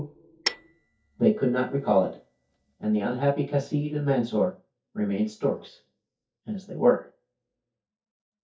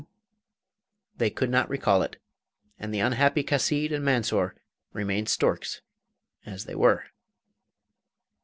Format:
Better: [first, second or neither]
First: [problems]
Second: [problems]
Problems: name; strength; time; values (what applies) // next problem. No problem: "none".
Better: second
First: noise reduction (neural mask model DeepFilterNet 3)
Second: none